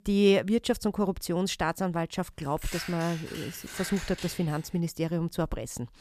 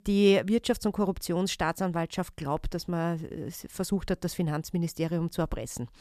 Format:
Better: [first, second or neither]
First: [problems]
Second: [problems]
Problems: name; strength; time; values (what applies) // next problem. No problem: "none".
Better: second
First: jangling keys; noticeable; from 2.5 to 4.5 s; peak 8 dB below the speech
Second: none